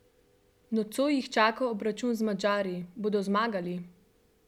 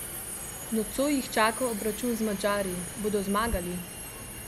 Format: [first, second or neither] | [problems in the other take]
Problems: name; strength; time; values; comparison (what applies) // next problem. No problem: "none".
first | background sound (Subway, metro, underground); 8 dB below the speech